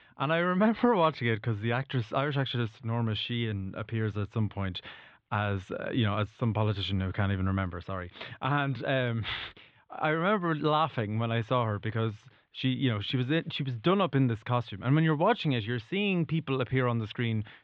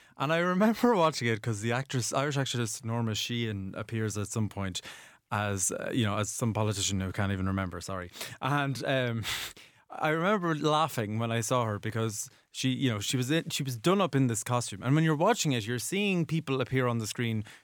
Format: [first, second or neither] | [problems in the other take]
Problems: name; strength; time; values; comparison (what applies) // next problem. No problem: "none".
second | muffled; very; fading above 3.5 kHz